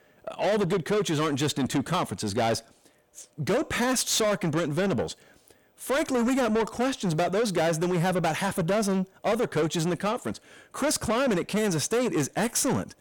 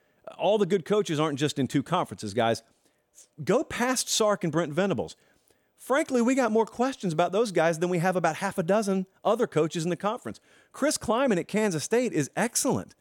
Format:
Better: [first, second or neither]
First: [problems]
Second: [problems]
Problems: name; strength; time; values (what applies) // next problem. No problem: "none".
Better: second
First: distortion; heavy; 8 dB below the speech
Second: none